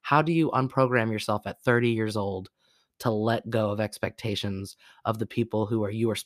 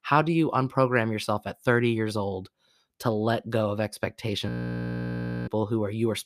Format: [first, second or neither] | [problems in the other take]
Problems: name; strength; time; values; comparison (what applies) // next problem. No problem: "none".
first | audio freezing; at 4.5 s for 1 s